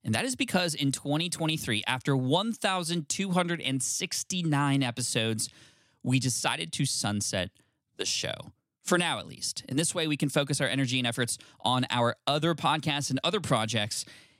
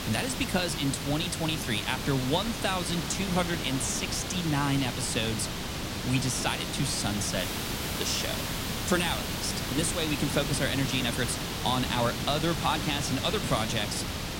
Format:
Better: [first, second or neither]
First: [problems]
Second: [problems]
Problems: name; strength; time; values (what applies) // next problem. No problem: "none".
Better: first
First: none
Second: hiss; loud; throughout; 3 dB below the speech